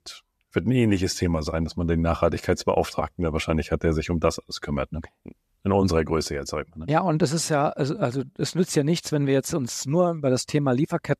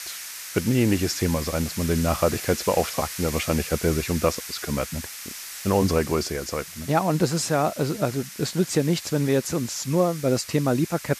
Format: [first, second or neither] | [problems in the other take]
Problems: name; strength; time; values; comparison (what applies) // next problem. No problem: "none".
first | hiss; loud; throughout; 10 dB below the speech